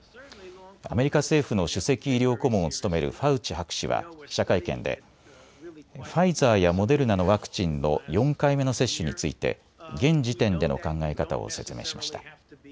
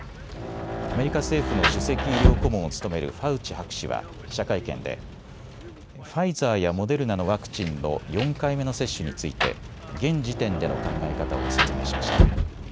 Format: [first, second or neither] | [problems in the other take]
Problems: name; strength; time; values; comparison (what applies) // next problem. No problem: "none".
first | background sound (Rain); as loud as the speech